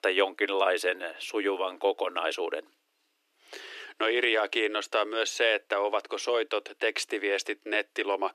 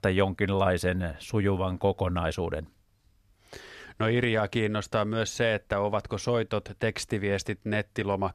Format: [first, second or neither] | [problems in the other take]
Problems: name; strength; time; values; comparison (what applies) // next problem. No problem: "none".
second | thin; very; fading below 300 Hz